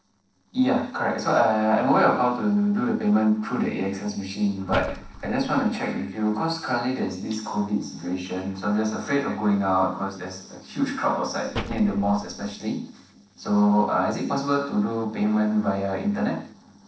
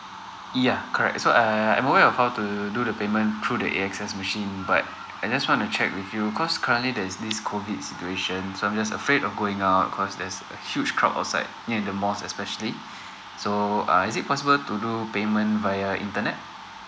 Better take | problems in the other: second | noise reduction (neural separator model SepFormer DNS4)

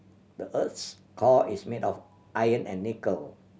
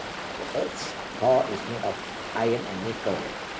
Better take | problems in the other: first | background sound (Stream); 6 dB below the speech

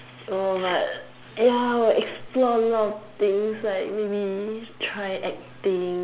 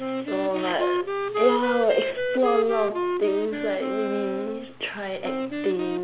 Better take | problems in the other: first | background sound (Wind instrument, woodwind instrument); 2 dB below the speech

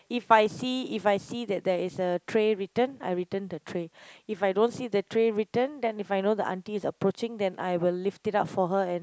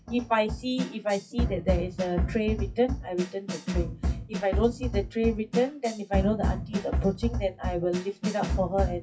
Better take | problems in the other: first | noise reduction (classical method WPE with log-MMSE)

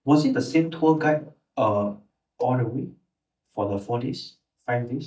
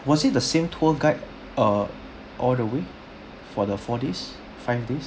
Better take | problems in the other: second | noise reduction (neural mask model DeepFilterNet 3)

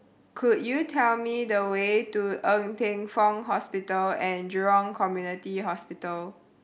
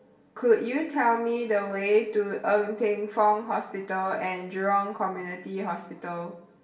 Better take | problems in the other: first | room echo; dies away in 0.7 s

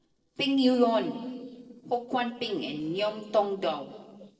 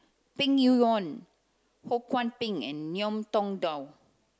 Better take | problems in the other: second | noise reduction (neural separator model SepFormer DNS4)

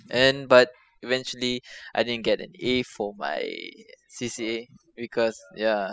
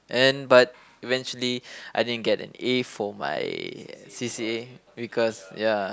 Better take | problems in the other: second | noise reduction (classical method spectral subtraction)

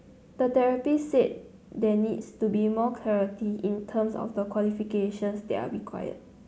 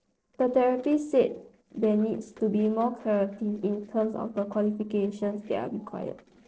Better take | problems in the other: first | noise reduction (neural separator model SepFormer DNS4)

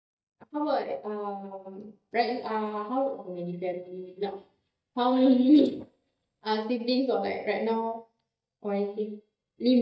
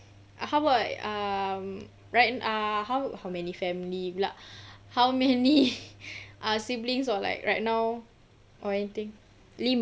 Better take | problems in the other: second | noise reduction (neural mask model DeepFilterNet 3)

